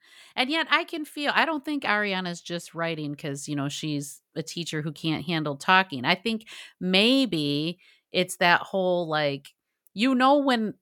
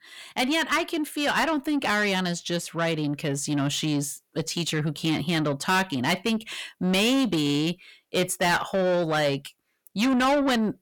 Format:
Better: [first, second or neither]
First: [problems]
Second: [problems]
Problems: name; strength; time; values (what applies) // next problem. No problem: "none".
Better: first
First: none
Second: distortion; heavy; 6 dB below the speech